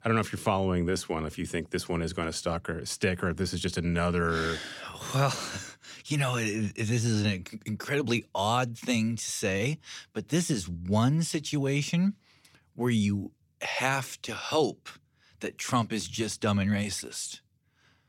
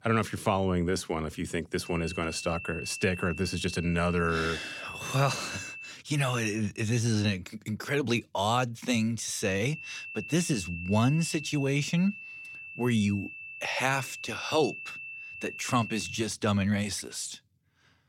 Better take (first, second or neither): first